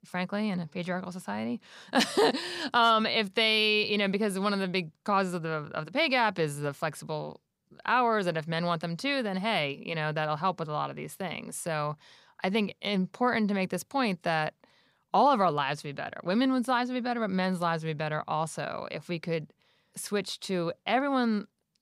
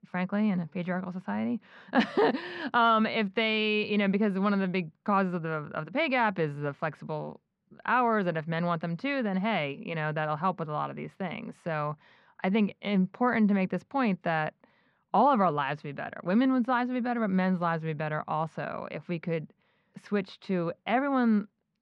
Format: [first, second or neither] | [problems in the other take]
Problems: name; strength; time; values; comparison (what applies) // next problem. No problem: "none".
first | muffled; slightly; fading above 2 kHz